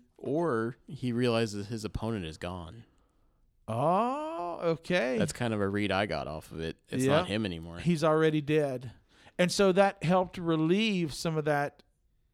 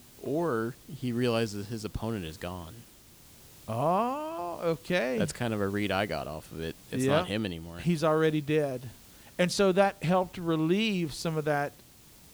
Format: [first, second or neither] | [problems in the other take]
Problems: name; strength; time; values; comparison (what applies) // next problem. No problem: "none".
first | hiss; faint; throughout; 20 dB below the speech